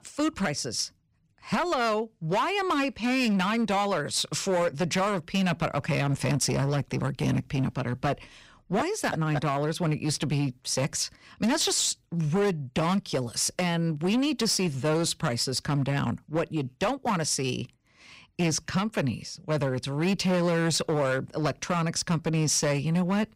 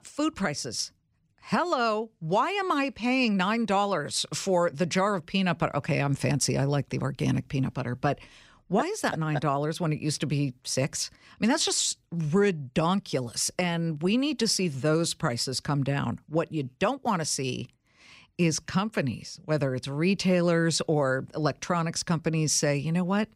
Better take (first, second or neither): second